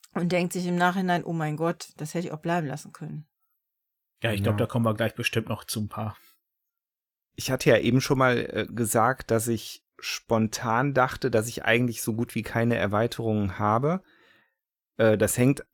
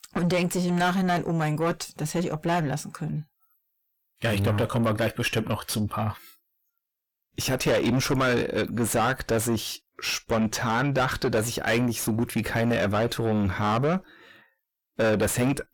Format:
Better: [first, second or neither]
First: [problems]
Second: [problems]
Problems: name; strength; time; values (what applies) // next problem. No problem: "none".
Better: first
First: none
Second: distortion; heavy; 5 dB below the speech